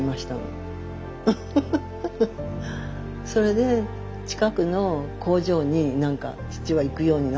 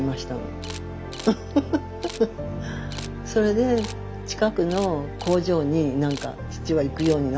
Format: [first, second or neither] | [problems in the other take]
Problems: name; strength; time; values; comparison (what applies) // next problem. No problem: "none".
first | background sound (Camera); 20 dB below the speech